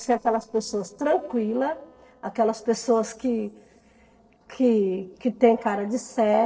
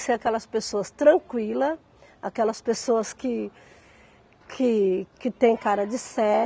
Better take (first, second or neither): second